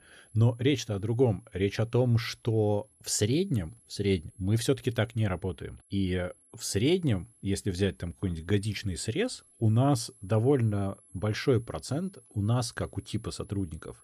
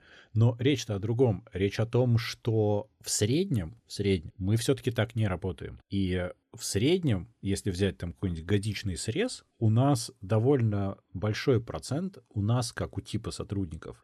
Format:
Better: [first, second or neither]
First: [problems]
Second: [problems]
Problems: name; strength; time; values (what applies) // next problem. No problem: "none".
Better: second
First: high-pitched whine; faint; throughout; 11 kHz, 30 dB below the speech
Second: none